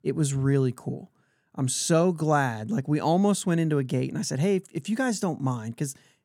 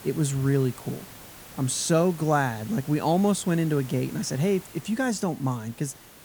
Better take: first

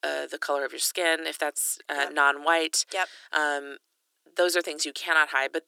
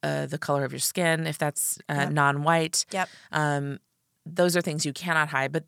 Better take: second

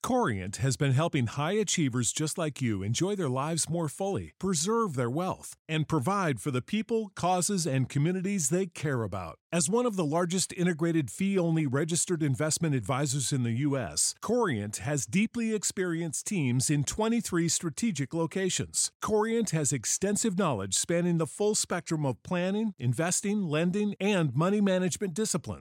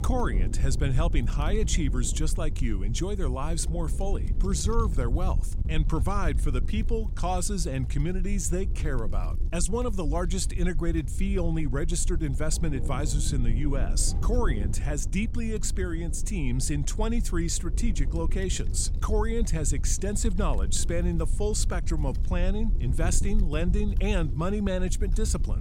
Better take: first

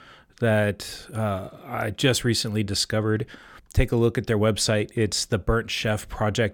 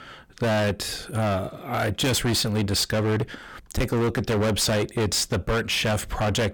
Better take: first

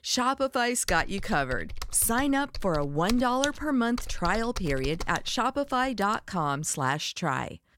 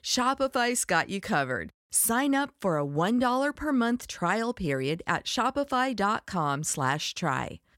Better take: second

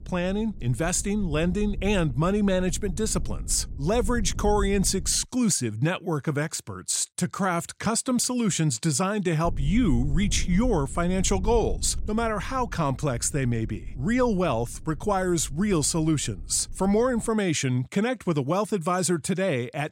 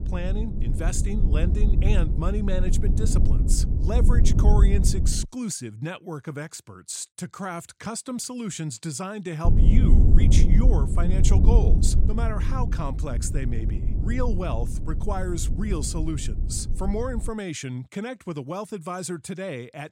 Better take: first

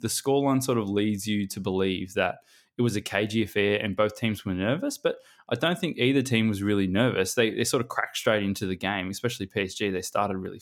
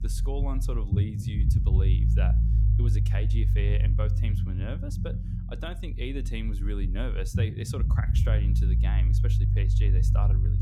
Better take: first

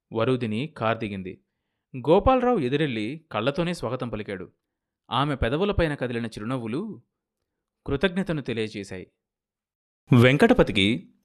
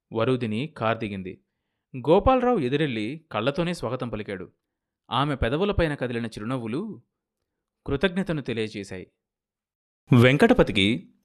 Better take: neither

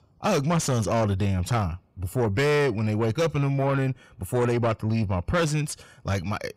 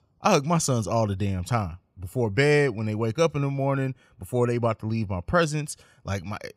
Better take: second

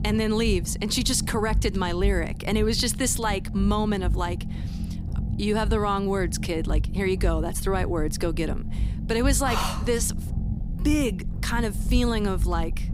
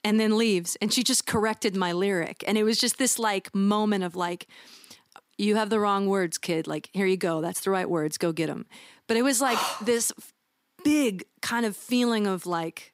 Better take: second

